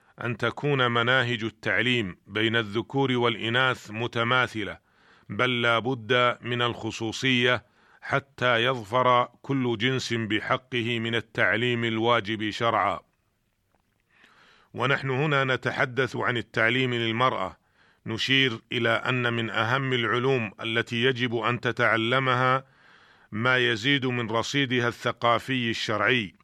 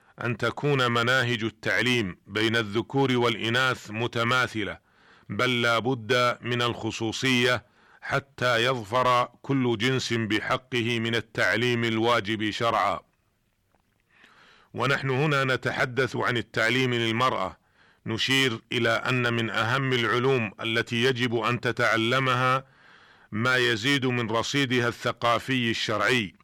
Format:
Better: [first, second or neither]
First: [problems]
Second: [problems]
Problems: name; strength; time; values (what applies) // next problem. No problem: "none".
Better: first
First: none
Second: distortion; slight; 3% of the sound clipped